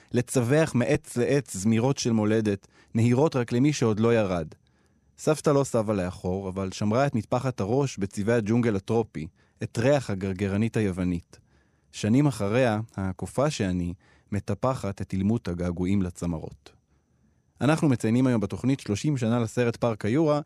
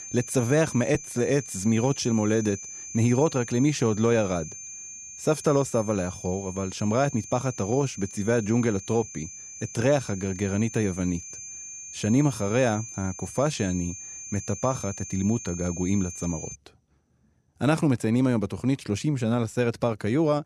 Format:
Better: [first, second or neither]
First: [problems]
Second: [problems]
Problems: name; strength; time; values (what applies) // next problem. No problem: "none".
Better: first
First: none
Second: high-pitched whine; noticeable; until 17 s; 6.5 kHz, 10 dB below the speech